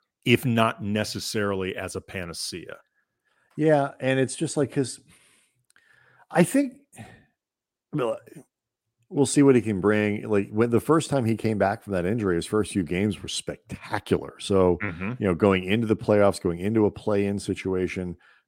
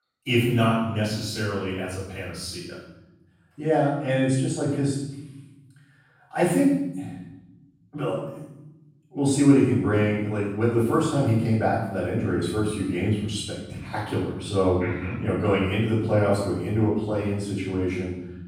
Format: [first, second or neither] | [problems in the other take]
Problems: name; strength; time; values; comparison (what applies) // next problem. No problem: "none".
first | off-mic speech; far // room echo; noticeable; dies away in 0.9 s